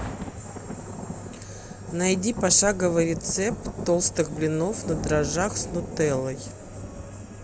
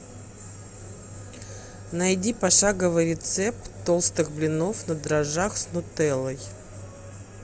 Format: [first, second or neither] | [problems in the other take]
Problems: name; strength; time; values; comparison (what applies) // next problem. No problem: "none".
second | background sound (Thunder); 10 dB below the speech